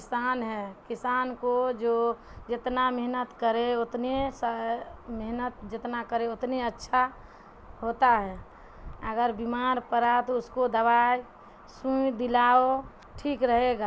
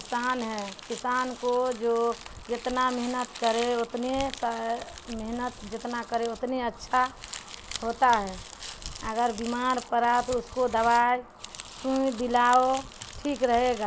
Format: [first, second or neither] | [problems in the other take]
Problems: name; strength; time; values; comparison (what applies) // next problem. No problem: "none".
first | background sound (Crumpling, crinkling); 16 dB below the speech